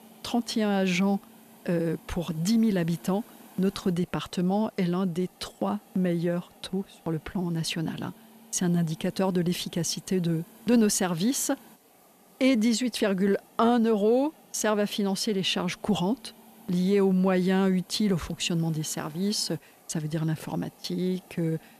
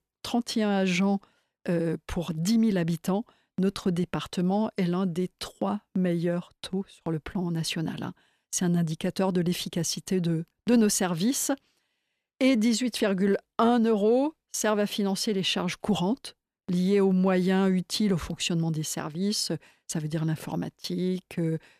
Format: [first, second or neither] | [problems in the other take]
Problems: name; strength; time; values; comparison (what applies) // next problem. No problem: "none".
second | hiss; faint; throughout; 25 dB below the speech